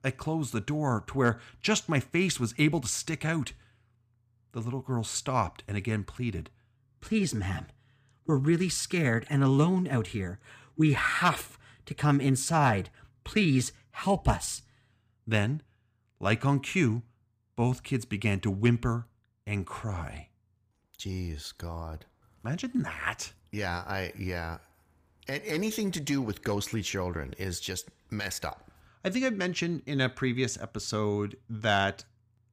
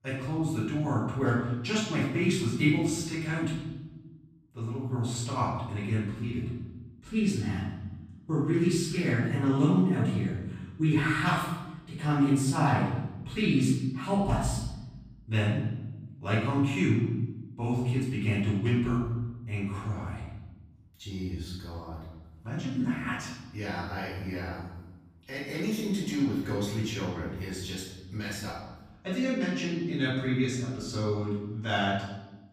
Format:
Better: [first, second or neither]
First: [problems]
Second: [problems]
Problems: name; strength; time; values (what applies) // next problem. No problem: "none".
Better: first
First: none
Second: off-mic speech; far // room echo; noticeable; dies away in 1.1 s